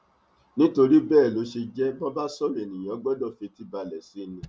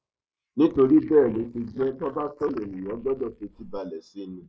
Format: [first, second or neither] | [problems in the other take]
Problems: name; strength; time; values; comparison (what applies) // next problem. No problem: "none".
first | noise reduction (neural mask model Resemble Enhance denoiser)